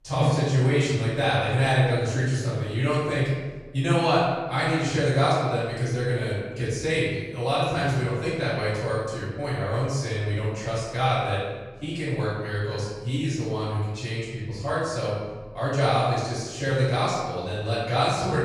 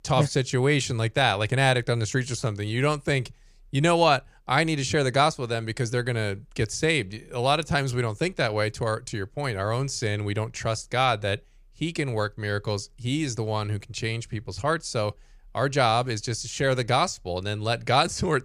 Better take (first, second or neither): second